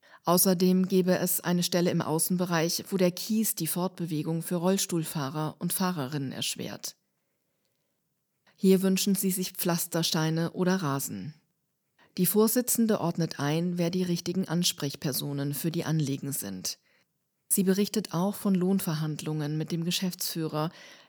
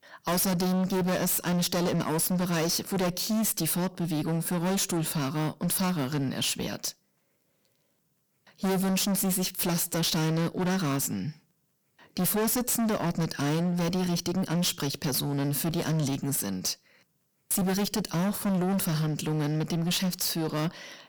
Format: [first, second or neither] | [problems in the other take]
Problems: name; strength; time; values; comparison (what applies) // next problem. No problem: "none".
first | distortion; heavy; 25% of the sound clipped